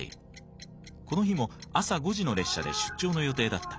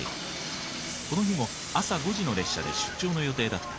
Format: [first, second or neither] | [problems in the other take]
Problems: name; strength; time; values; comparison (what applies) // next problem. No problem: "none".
first | background sound (Train); 6 dB below the speech